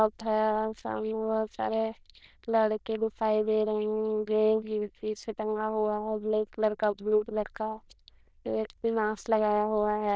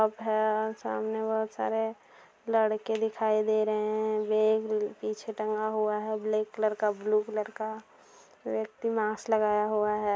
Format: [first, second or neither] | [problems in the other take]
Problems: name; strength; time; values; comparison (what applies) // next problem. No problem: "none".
second | noise reduction (neural diffusion model UNIVERSE++)